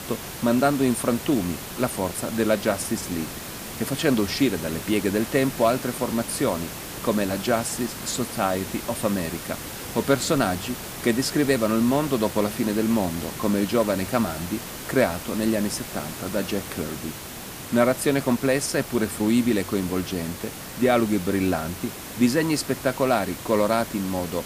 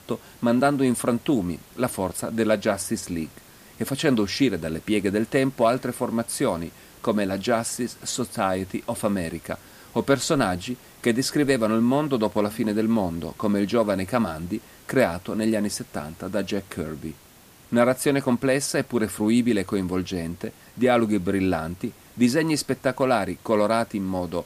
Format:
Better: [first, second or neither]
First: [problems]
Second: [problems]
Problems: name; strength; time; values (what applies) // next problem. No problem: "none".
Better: second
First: hiss; loud; throughout; 10 dB below the speech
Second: hiss; faint; throughout; 25 dB below the speech